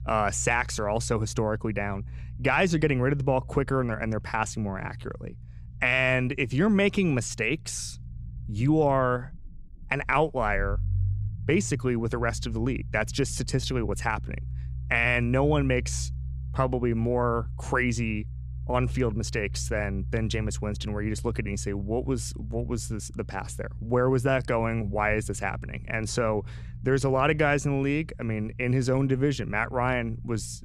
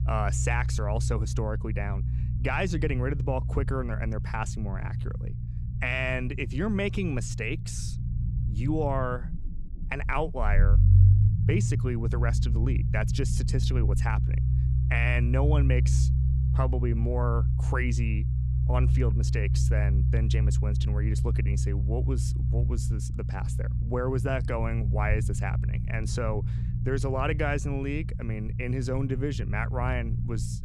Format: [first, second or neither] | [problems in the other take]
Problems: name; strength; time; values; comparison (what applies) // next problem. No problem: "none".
first | low rumble; loud; throughout; 9 dB below the speech; faint in the first